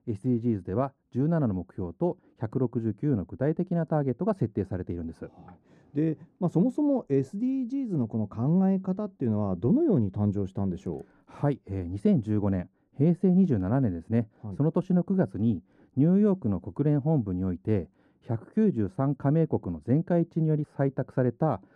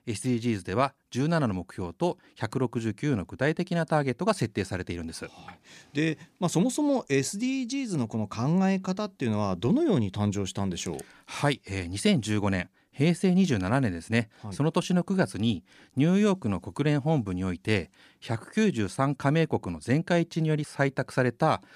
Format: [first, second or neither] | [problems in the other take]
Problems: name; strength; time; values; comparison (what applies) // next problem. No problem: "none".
second | muffled; very; fading above 1 kHz